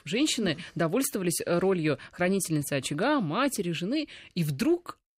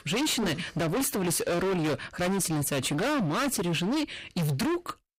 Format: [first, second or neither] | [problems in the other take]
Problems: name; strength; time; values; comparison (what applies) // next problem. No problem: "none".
first | distortion; heavy; 38% of the sound clipped